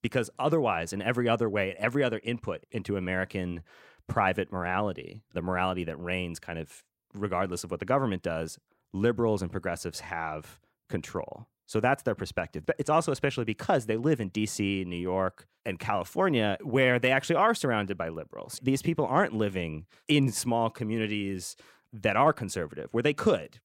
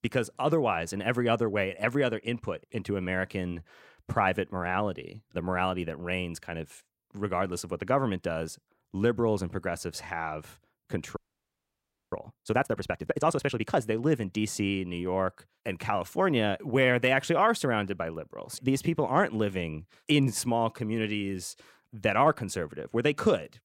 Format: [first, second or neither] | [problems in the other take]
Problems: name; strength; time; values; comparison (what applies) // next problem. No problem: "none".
first | audio freezing; at 11 s for 1 s